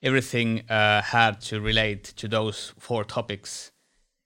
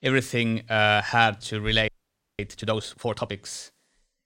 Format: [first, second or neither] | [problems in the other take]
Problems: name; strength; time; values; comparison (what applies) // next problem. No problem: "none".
first | audio freezing; at 2 s for 0.5 s